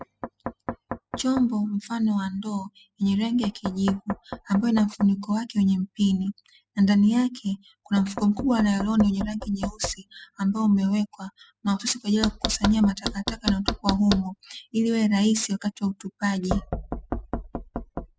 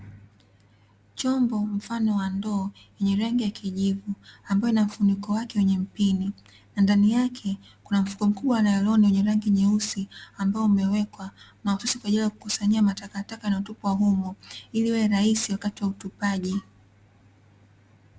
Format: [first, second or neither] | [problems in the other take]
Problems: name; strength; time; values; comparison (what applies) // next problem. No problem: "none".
second | noise reduction (classical method spectral subtraction)